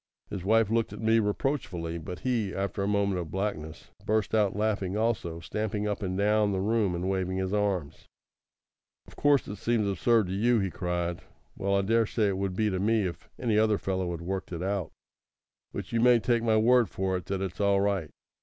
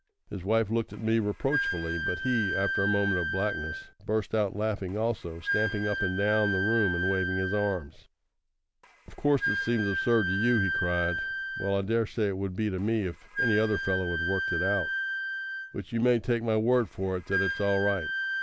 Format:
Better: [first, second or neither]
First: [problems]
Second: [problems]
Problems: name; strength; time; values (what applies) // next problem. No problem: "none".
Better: first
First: none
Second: background sound (Wind instrument, woodwind instrument); 4 dB below the speech